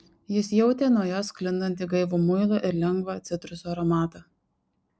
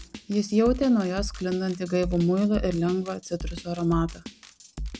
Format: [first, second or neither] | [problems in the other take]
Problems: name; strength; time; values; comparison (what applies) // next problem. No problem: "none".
first | background sound (Drum kit); 11 dB below the speech